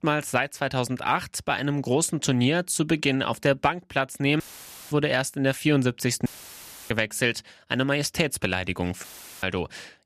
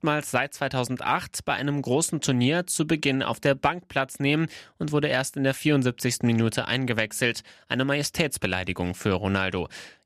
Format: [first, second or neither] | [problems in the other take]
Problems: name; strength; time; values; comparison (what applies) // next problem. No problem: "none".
second | audio cutting out; filled with static; at 4.5 s for 0.5 s, at 6.5 s for 0.5 s and at 9 s